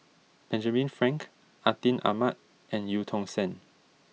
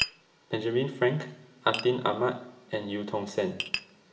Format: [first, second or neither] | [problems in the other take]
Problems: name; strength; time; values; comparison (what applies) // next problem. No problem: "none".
first | background sound (Tap); 9 dB below the speech // room echo; dies away in 1.3 s